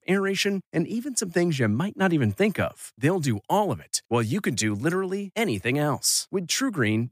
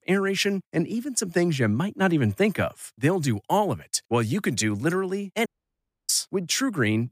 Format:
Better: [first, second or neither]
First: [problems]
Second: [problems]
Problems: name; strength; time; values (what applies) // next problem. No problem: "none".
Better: first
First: none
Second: audio cutting out; at 5.5 s for 0.5 s